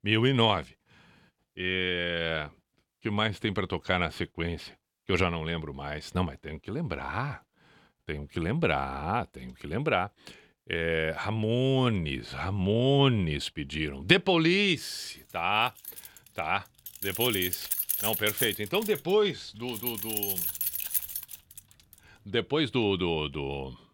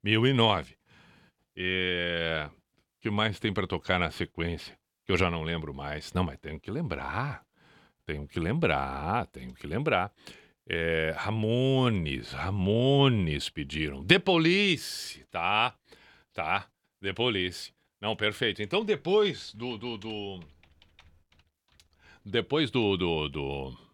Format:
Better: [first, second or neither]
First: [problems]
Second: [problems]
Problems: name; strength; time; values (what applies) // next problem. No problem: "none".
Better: second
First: jangling keys; loud; from 16 to 22 s; peak 2 dB above the speech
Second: none